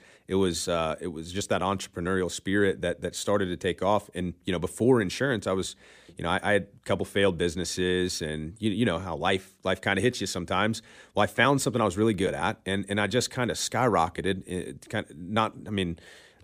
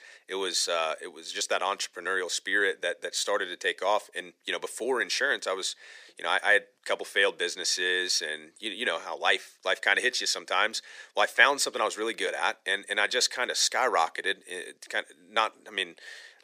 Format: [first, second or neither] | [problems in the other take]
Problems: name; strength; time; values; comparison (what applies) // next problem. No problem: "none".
first | thin; very; fading below 450 Hz